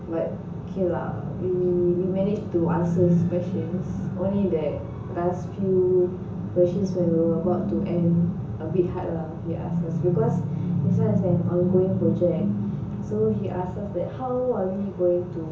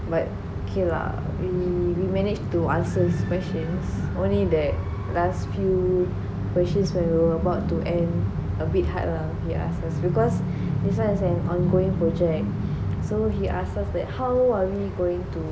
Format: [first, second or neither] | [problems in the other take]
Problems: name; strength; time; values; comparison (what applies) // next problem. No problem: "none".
second | room echo; dies away in 0.7 s